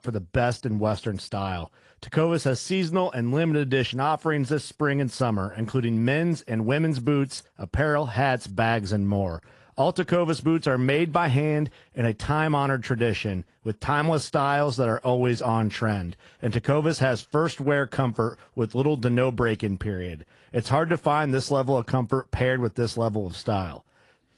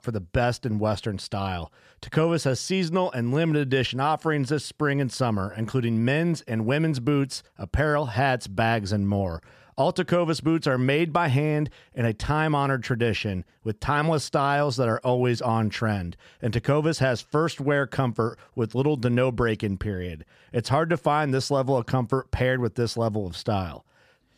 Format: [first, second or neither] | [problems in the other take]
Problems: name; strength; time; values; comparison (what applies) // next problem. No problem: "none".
second | garbled, watery; slightly